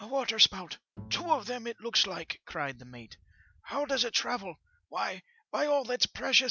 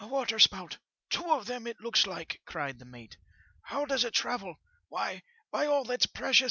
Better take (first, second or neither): second